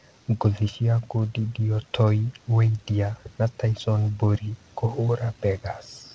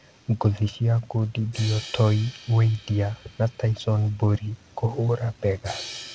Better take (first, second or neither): first